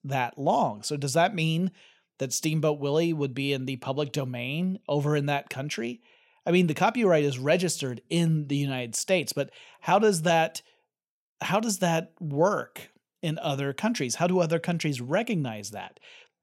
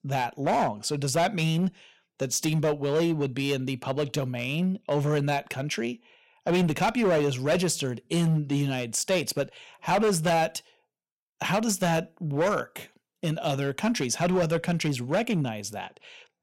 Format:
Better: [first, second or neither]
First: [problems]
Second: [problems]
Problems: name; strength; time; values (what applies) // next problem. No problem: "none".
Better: first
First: none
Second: distortion; slight; 8% of the sound clipped